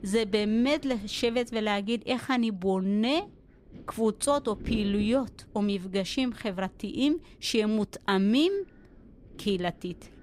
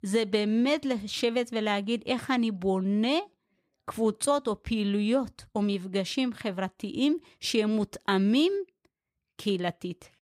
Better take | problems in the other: second | wind noise on the microphone; occasional gusts; 25 dB below the speech

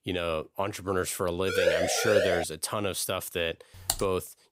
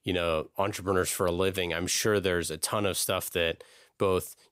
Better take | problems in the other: second | siren; loud; at 1.5 s; peak 5 dB above the speech // keyboard typing; noticeable; at 4 s; peak 1 dB below the speech

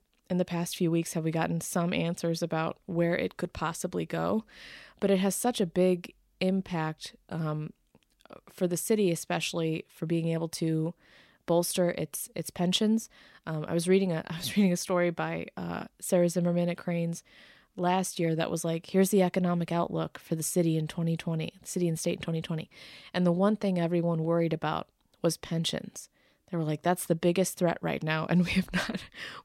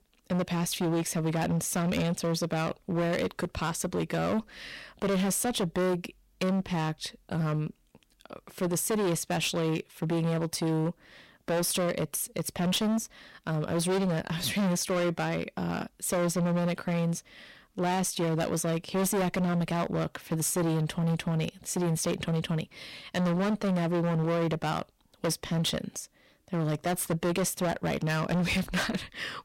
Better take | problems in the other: first | distortion; heavy; 21% of the sound clipped

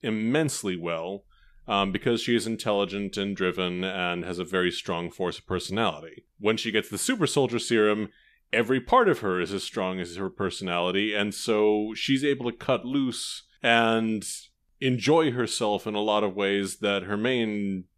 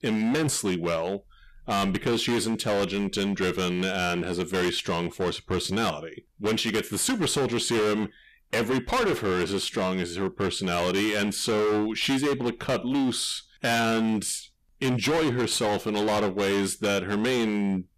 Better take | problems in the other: first | distortion; heavy; 21% of the sound clipped

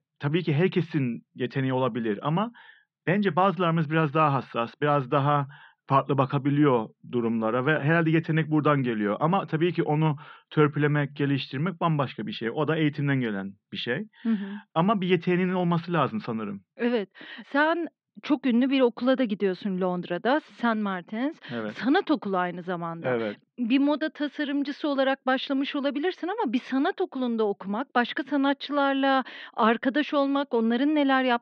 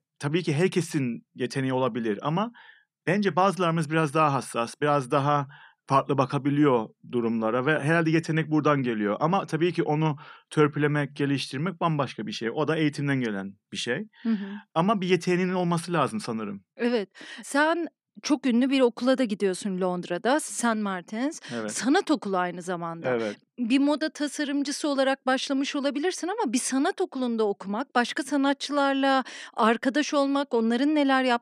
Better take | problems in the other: second | muffled; slightly; fading above 4 kHz

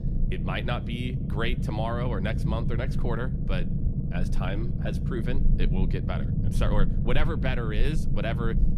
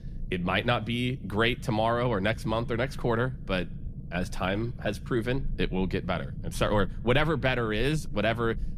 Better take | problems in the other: second | low rumble; loud; throughout; 6 dB below the speech; faint in the second

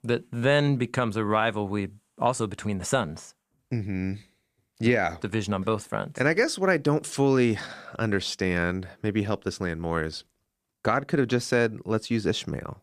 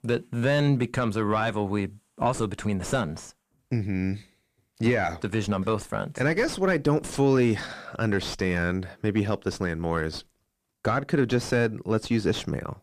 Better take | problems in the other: first | distortion; slight; 9 dB below the speech

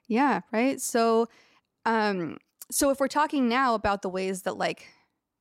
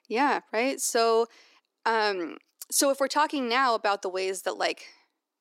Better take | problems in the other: first | thin; very slightly; fading below 350 Hz

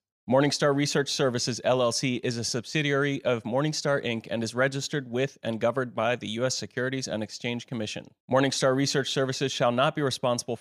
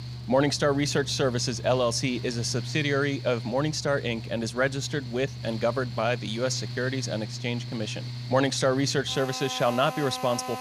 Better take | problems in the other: first | machinery noise; loud; throughout; 9 dB below the speech

